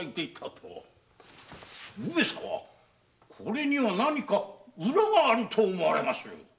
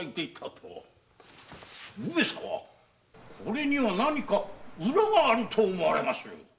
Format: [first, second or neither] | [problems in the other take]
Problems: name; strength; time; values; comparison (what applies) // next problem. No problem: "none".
first | background sound (Cricket); 15 dB below the speech